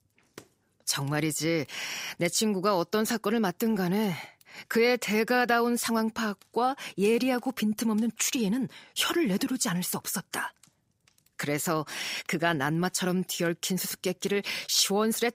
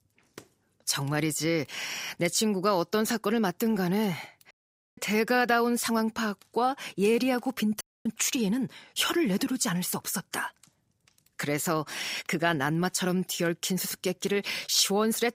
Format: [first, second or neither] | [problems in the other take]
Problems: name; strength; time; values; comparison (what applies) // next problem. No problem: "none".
first | audio cutting out; at 4.5 s and at 8 s